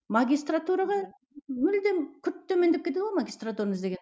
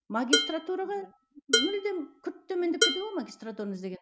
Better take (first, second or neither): first